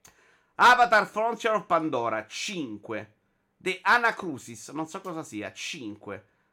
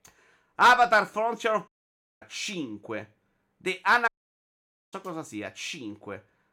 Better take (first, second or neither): first